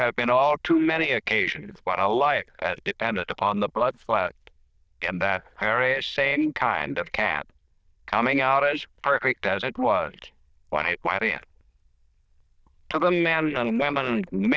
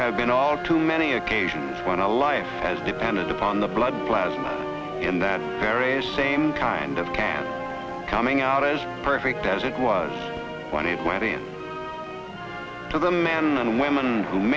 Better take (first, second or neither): second